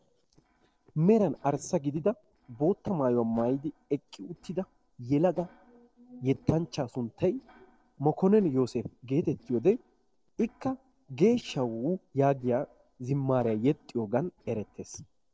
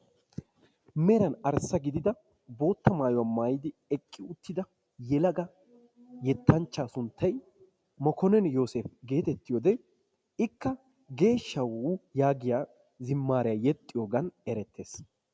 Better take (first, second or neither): second